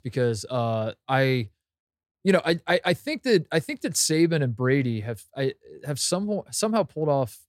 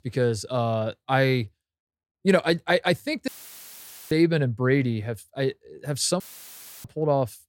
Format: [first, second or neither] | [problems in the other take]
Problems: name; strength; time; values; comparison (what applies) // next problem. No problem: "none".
first | audio cutting out; filled with static; at 3.5 s for 1 s and at 6 s for 0.5 s